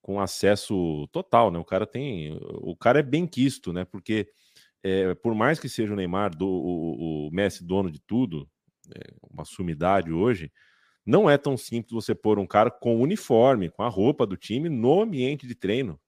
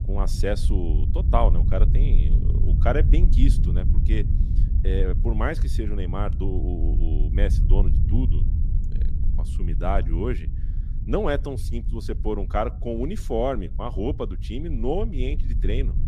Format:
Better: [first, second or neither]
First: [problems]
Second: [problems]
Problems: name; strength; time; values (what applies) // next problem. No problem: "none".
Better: first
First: none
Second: low rumble; noticeable; throughout; 10 dB below the speech